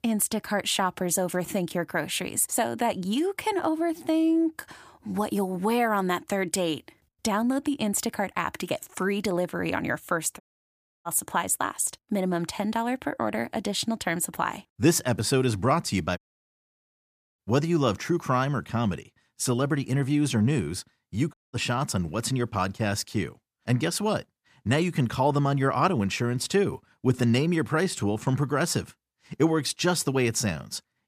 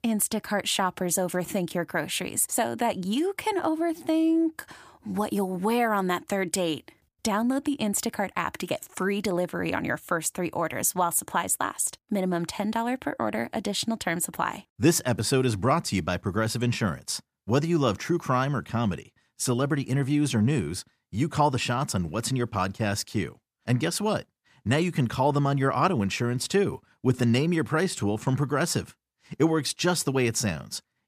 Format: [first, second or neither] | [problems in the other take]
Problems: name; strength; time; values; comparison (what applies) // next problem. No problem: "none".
second | audio cutting out; at 10 s for 0.5 s, at 16 s for 1 s and at 21 s